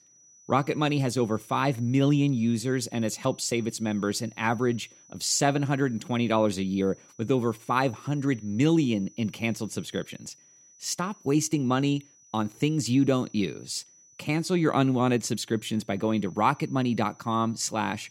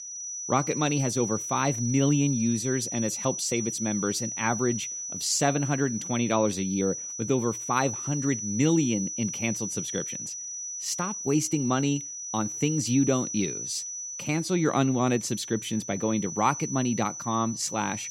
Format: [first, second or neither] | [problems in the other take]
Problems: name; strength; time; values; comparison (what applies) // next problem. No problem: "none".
first | high-pitched whine; loud; throughout; 6 kHz, 5 dB below the speech; faint in the first